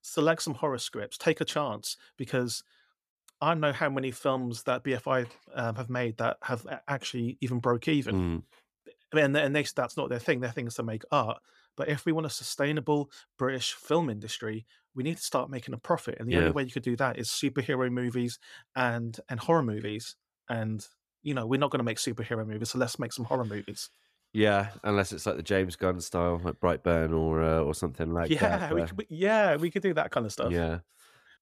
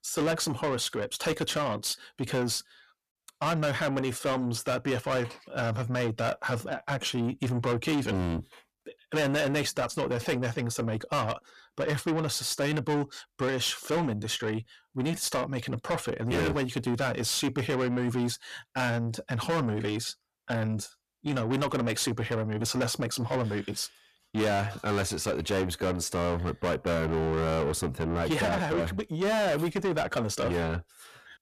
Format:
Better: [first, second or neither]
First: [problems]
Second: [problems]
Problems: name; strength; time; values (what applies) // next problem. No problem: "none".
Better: first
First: none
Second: distortion; heavy; 6 dB below the speech